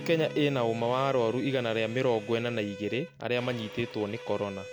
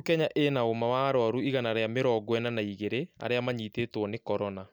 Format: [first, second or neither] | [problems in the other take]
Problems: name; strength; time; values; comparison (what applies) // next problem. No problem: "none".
second | background sound (Bowed string instrument + Acoustic guitar / Strum); 13 dB below the speech